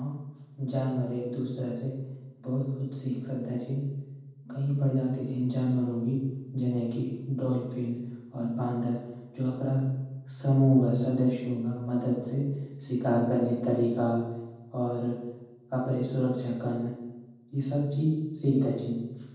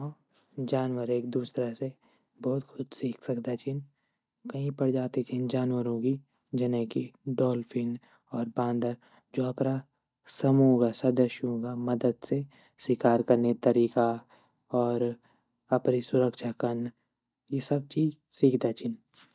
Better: second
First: room echo; dies away in 1.2 s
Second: none

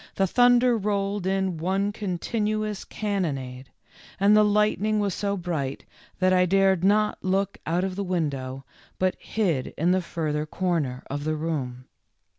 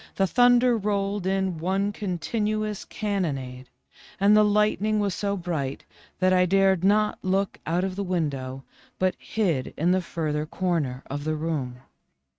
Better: first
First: none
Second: noise reduction (neural mask model RNNoise)

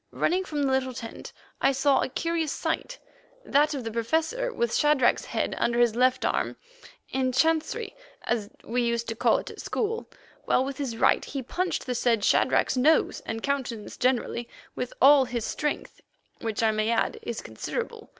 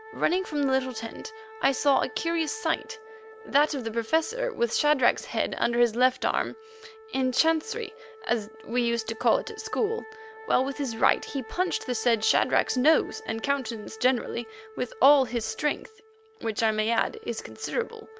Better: first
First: none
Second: background sound (Wind instrument, woodwind instrument); 19 dB below the speech

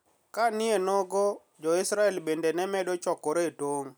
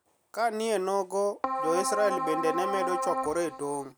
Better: first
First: none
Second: background sound (Keyboard (musical)); 1 dB below the speech

